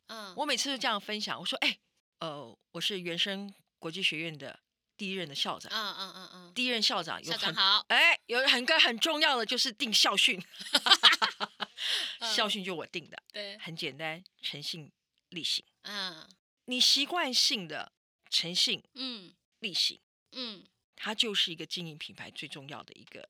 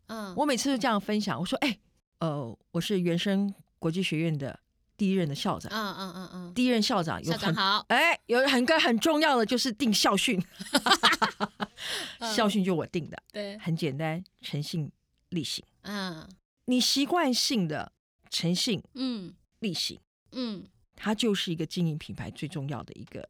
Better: second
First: thin; somewhat; fading below 1 kHz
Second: none

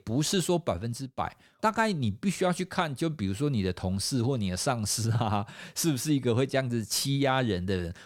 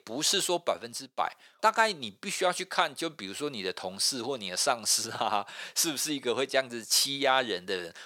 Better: first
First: none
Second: thin; very; fading below 500 Hz

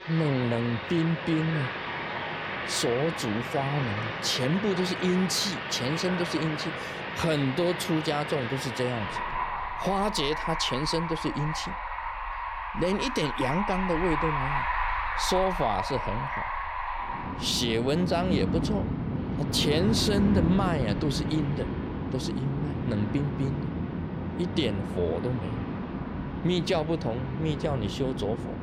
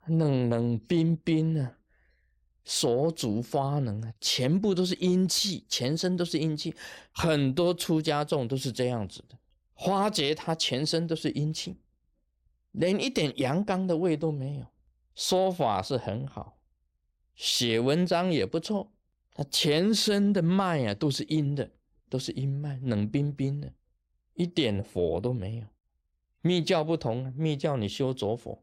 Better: second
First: rain or running water; loud; throughout; 3 dB below the speech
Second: none

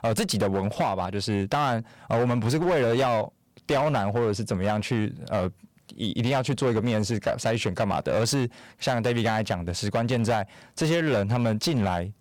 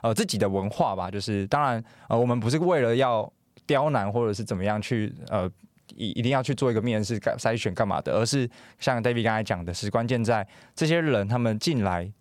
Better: second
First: distortion; slight; 14% of the sound clipped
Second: none

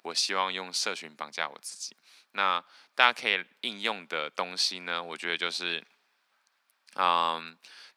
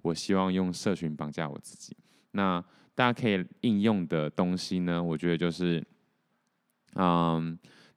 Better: second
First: thin; very; fading below 1 kHz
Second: none

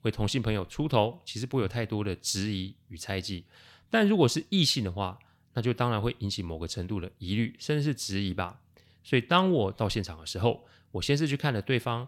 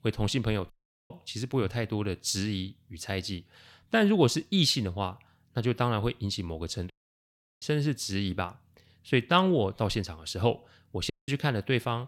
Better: first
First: none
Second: audio cutting out; at 0.5 s, at 7 s for 0.5 s and at 11 s

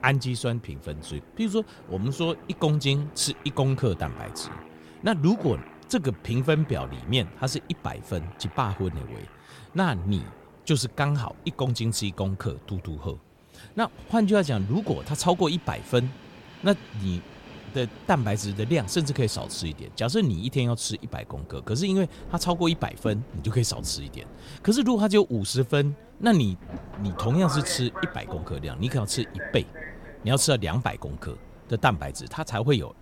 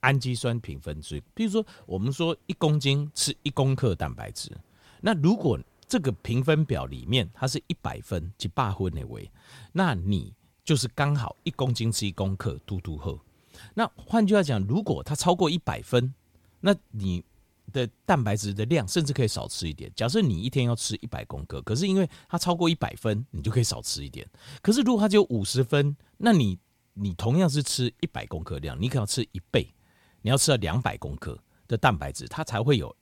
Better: second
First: train or aircraft noise; noticeable; throughout; 15 dB below the speech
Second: none

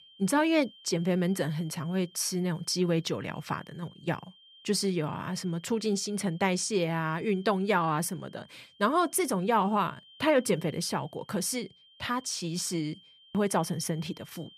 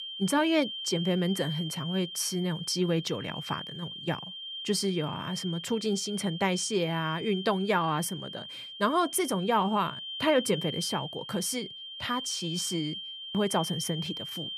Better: first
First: high-pitched whine; faint; throughout; 3 kHz, 25 dB below the speech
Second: high-pitched whine; loud; throughout; 3 kHz, 8 dB below the speech

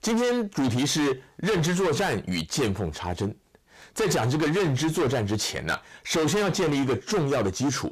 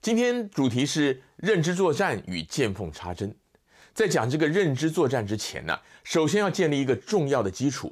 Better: second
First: distortion; heavy; 24% of the sound clipped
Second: none

